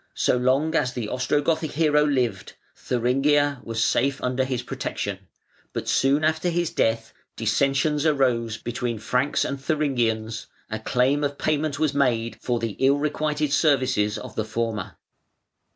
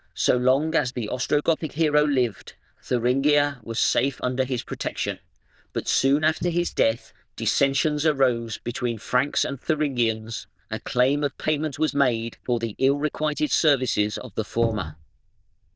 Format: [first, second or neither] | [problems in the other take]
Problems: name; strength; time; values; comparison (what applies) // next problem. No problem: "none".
first | noise reduction (neural diffusion model UNIVERSE++)